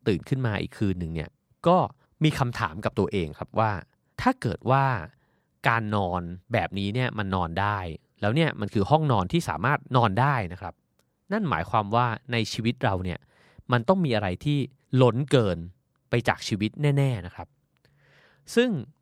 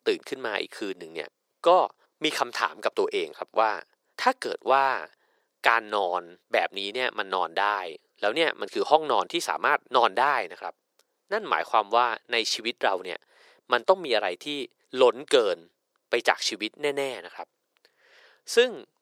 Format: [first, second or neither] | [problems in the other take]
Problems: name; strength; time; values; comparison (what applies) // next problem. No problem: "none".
first | thin; very; fading below 400 Hz